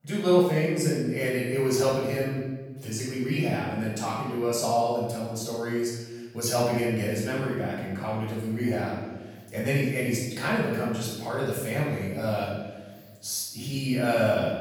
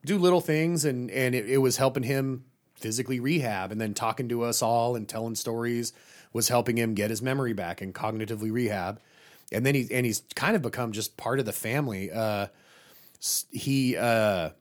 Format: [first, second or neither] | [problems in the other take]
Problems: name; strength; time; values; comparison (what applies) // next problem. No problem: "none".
second | off-mic speech; far // room echo; strong; dies away in 1.2 s